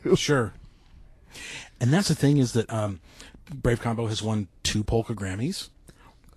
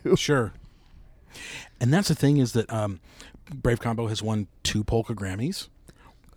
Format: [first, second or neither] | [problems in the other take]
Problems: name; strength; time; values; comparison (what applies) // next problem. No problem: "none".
second | garbled, watery; slightly; nothing above 12.5 kHz